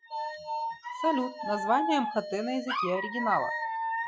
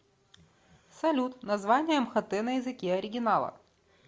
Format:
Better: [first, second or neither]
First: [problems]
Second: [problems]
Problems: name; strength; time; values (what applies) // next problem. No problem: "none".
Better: second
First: noise reduction (classical method Wiener filter)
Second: none